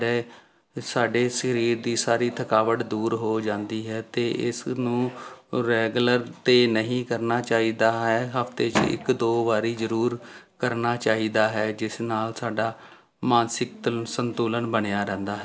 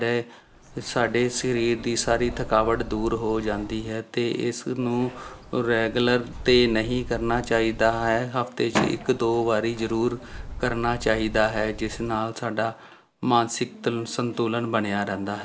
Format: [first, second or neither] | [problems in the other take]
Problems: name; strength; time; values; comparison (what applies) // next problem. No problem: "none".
first | background sound (Bird); 14 dB below the speech